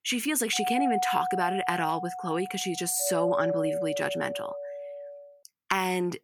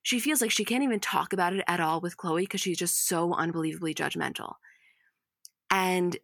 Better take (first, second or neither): second